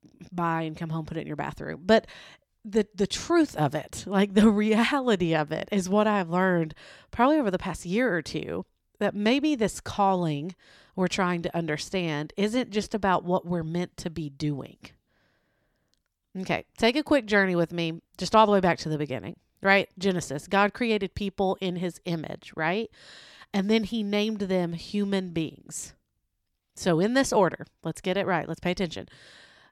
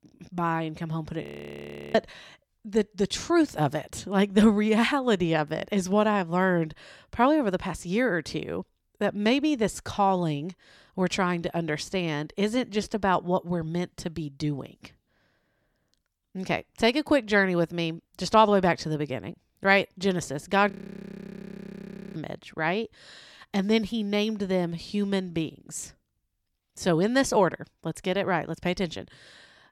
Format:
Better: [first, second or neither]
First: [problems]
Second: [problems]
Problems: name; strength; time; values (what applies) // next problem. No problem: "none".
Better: first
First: none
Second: audio freezing; at 1 s for 0.5 s and at 21 s for 1.5 s